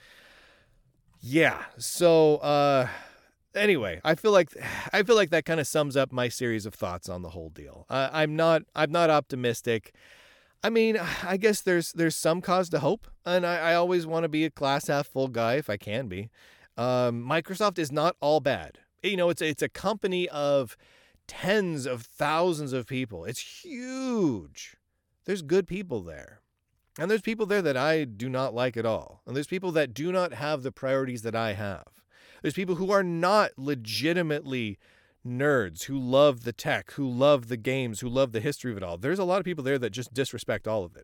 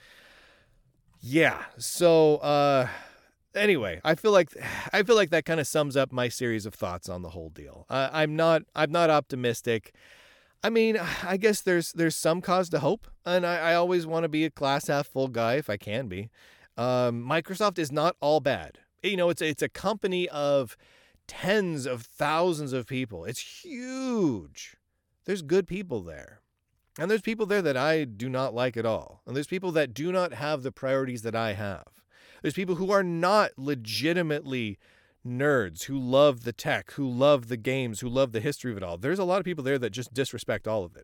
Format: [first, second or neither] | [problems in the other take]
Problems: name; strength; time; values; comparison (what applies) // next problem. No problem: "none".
neither | none